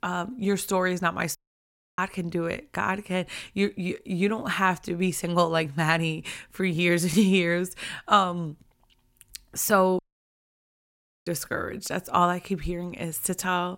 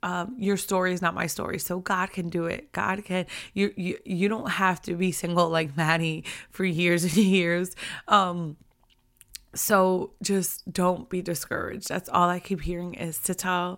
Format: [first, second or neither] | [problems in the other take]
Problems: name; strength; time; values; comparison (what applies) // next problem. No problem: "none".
second | audio cutting out; at 1.5 s for 0.5 s and at 10 s for 1.5 s